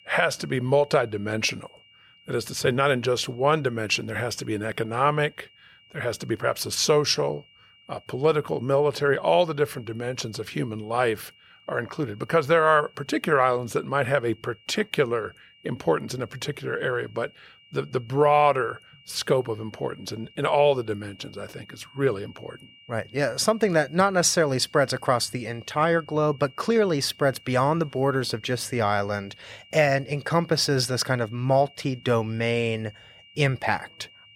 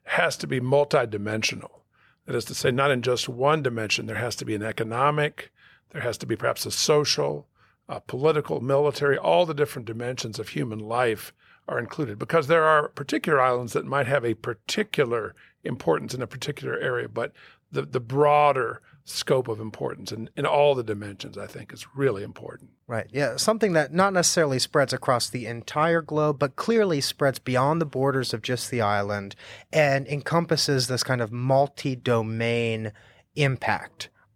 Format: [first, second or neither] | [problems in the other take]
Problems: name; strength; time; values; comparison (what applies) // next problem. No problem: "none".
second | high-pitched whine; faint; throughout; 3 kHz, 25 dB below the speech